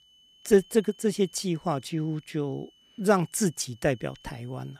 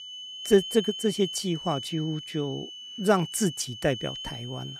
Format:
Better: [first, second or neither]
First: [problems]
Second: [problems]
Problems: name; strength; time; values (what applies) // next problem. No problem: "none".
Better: first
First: high-pitched whine; faint; throughout; 3 kHz, 30 dB below the speech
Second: high-pitched whine; loud; throughout; 3 kHz, 9 dB below the speech